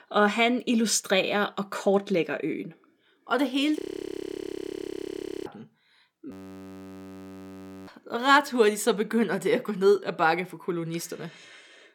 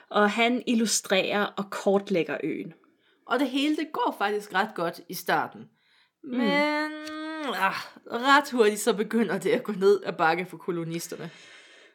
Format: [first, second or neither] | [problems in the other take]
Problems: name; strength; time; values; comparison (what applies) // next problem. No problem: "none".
second | audio freezing; at 4 s for 1.5 s and at 6.5 s for 1.5 s